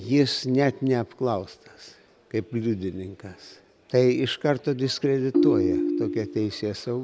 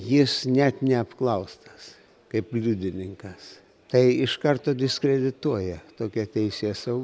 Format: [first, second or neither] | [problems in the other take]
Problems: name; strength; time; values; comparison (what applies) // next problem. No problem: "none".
second | background sound (Ringtone); 1 dB above the speech